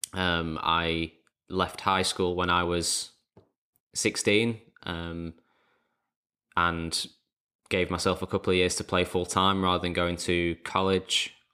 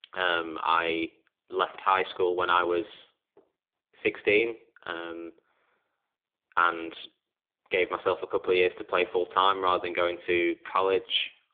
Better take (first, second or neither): first